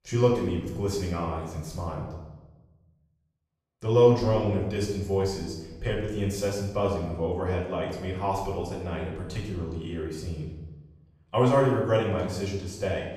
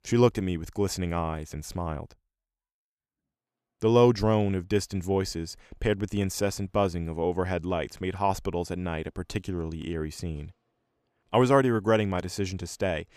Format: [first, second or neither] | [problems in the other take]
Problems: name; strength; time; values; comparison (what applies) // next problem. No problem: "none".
second | off-mic speech; far // room echo; noticeable; dies away in 0.9 s